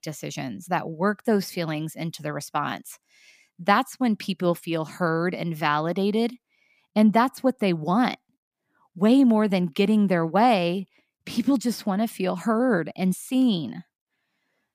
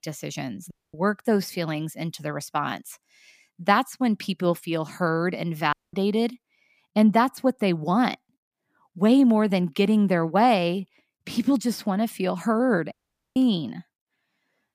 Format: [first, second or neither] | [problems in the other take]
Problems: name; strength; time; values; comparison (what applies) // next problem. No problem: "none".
first | audio cutting out; at 0.5 s, at 5.5 s and at 13 s